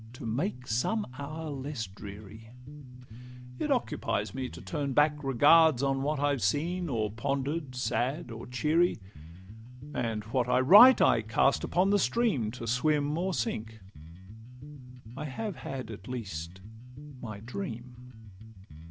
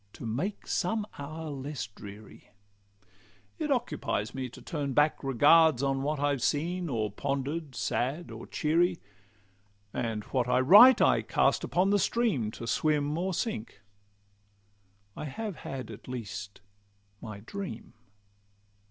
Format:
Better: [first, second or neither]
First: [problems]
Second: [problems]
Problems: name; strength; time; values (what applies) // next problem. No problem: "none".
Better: second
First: background sound (Bass guitar); 13 dB below the speech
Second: none